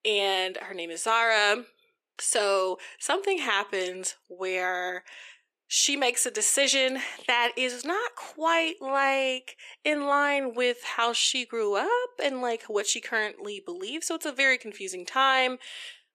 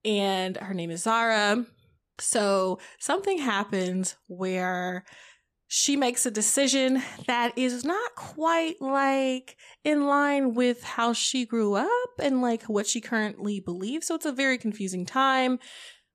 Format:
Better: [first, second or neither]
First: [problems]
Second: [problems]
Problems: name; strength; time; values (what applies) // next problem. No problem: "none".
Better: second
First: thin; somewhat; fading below 350 Hz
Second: none